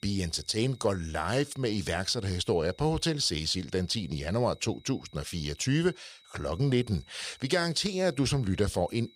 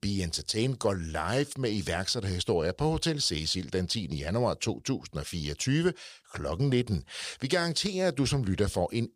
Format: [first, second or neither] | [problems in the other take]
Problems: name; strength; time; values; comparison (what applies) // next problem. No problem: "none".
second | high-pitched whine; faint; throughout; 4 kHz, 30 dB below the speech